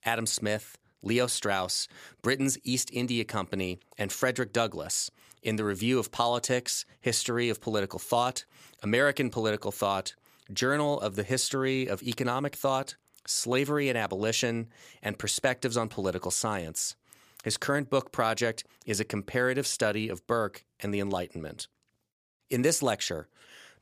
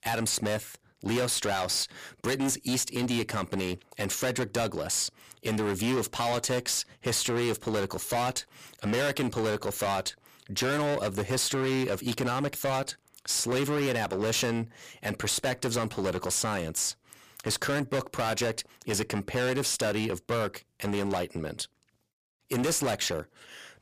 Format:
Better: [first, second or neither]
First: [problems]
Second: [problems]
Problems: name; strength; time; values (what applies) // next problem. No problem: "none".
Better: first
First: none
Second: distortion; heavy; 19% of the sound clipped